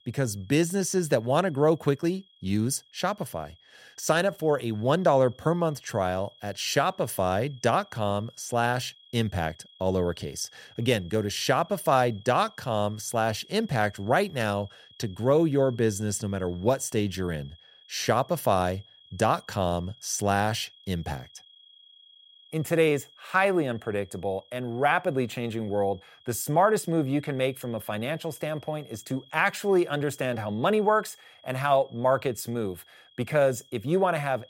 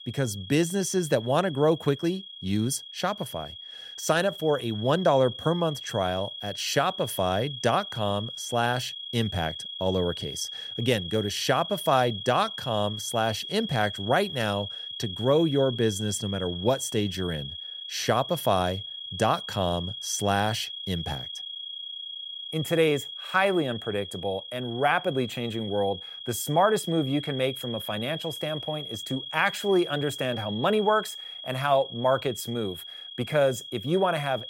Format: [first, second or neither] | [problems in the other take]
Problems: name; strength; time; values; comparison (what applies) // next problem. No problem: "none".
first | high-pitched whine; loud; throughout; 3.5 kHz, 9 dB below the speech; faint in the first